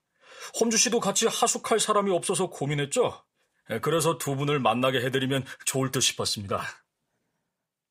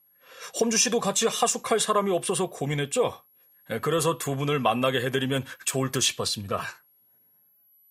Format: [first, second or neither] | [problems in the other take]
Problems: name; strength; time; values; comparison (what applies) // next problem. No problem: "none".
first | high-pitched whine; faint; throughout; 11.5 kHz, 30 dB below the speech